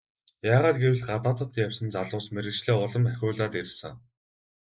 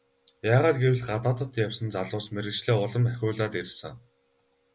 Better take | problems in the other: second | noise reduction (neural mask model Resemble Enhance denoiser)

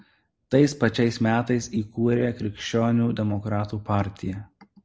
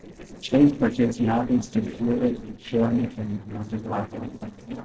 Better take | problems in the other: first | noise reduction (neural separator model SepFormer DNS4)

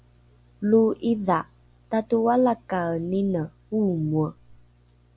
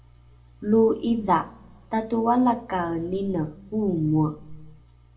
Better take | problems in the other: first | room echo; dies away in 0.3 s

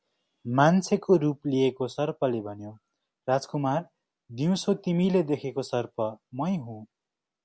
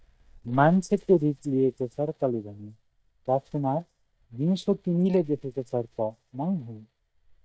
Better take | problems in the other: first | noise reduction (neural mask model DeepFilterNet 3)

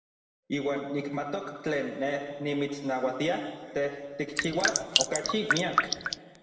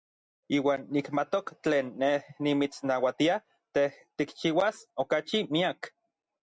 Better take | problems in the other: second | background sound (Drip); 2 dB above the speech // room echo; dies away in 1.8 s

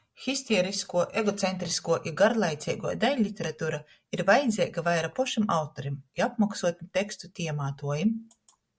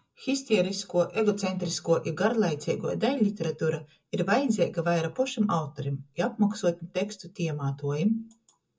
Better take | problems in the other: first | room echo; dies away in 0.2 s

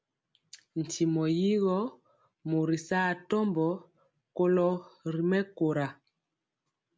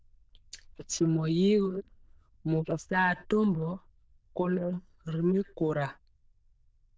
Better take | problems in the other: first | noise reduction (neural diffusion model UNIVERSE++)

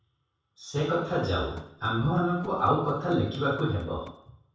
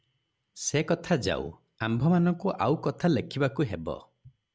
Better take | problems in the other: second | background sound (Run); 18 dB below the speech // room echo; dies away in 0.7 s

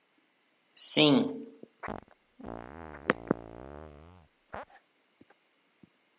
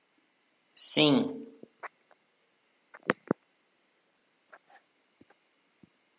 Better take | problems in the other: second | background sound (Fart); 11 dB below the speech

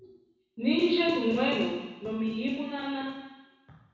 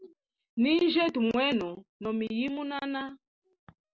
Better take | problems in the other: second | room echo; dies away in 1 s

